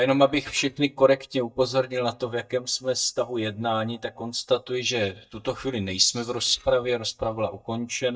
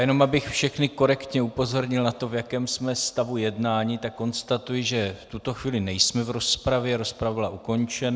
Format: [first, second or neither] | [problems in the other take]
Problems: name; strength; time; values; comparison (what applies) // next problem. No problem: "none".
second | noise reduction (neural mask model DeepFilterNet 3)